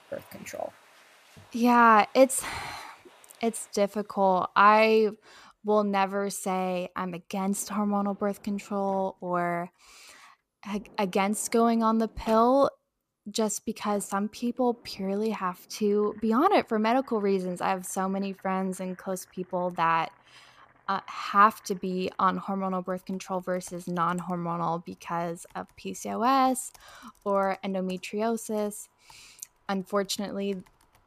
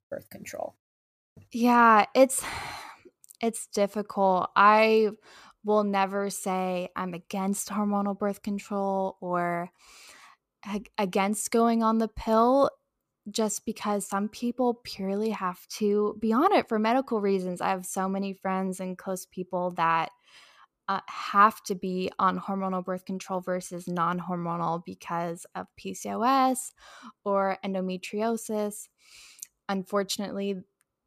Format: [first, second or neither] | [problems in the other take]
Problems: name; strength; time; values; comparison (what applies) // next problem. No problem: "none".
second | household noises; faint; throughout; 30 dB below the speech